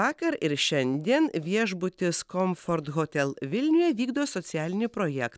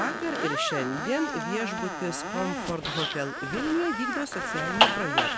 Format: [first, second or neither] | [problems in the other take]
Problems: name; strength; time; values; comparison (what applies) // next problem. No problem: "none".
first | background sound (Zipper (clothing) + Screech); 2 dB above the speech